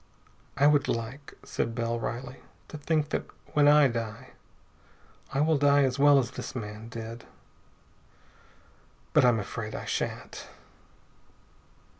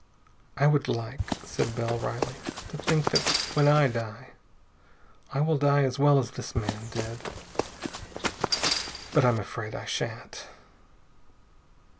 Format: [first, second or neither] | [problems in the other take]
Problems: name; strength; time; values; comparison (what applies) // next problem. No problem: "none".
first | background sound (Run); 3 dB below the speech